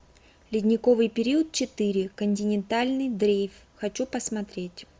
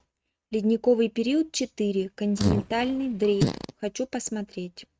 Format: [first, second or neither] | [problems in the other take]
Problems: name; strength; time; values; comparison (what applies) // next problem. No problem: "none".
first | noise reduction (neural mask model RNNoise)